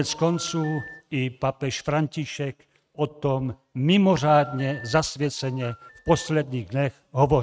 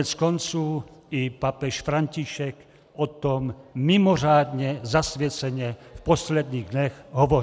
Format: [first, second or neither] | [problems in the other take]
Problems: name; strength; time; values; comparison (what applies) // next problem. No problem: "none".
second | noise reduction (neural mask model RNNoise)